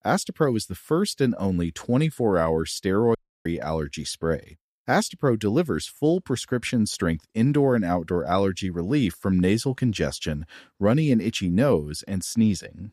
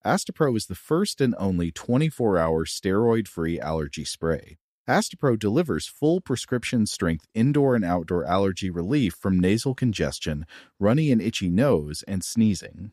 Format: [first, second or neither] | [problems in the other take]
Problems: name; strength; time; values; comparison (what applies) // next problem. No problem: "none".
second | audio cutting out; at 3 s